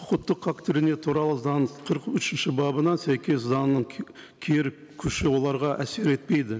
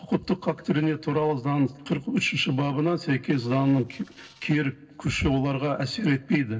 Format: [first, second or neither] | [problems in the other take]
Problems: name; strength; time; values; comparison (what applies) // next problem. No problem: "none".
first | noise reduction (neural separator model SepFormer DNS4)